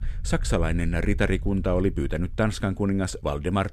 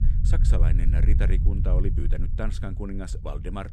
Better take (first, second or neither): first